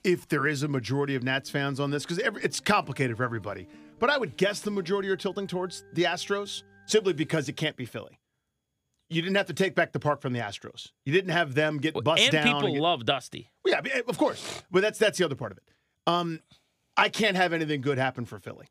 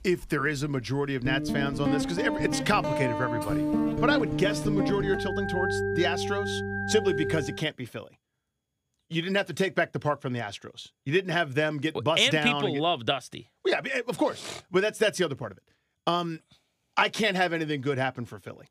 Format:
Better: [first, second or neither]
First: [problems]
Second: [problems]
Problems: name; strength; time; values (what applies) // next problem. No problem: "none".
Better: first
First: background music; faint; until 7.5 s; 30 dB below the speech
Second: background music; loud; until 7.5 s; 2 dB below the speech